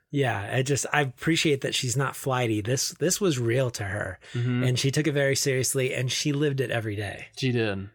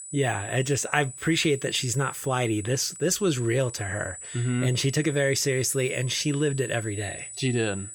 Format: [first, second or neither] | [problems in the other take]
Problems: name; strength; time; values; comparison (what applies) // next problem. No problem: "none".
first | high-pitched whine; noticeable; throughout; 8 kHz, 10 dB below the speech